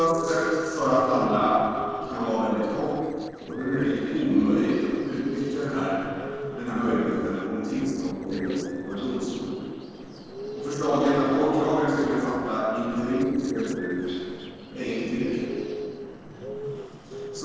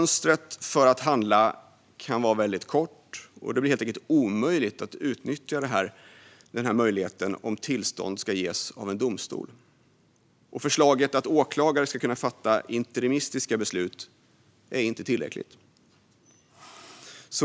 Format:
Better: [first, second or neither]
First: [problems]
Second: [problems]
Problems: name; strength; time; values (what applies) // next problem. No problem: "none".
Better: second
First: noise reduction (neural separator model SepFormer DNS4)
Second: none